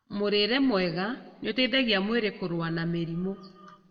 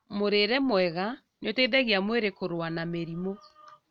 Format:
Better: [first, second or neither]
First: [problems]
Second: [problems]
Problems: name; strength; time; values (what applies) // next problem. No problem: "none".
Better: second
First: room echo; dies away in 1.1 s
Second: none